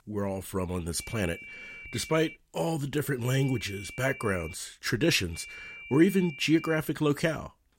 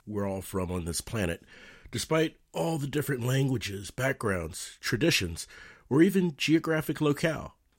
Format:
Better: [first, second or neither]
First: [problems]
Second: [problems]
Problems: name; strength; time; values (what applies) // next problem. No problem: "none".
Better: second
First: high-pitched whine; noticeable; from 1 to 2.5 s, from 3.5 to 4.5 s and from 5.5 to 7 s; 2.5 kHz, 15 dB below the speech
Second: none